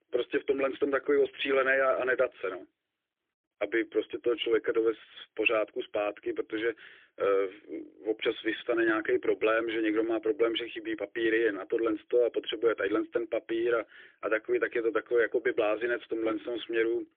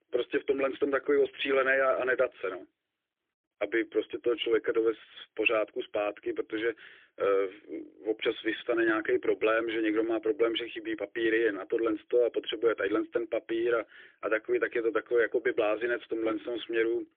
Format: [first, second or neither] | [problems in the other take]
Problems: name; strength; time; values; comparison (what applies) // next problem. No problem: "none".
neither | phone-call audio; poor line; nothing above 3.5 kHz; the same in both